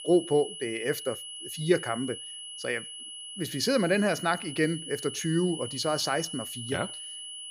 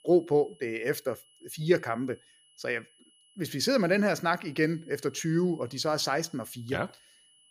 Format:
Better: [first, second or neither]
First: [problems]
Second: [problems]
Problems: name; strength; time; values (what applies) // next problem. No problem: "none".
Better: second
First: high-pitched whine; loud; throughout; 3 kHz, 9 dB below the speech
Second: high-pitched whine; faint; throughout; 3 kHz, 30 dB below the speech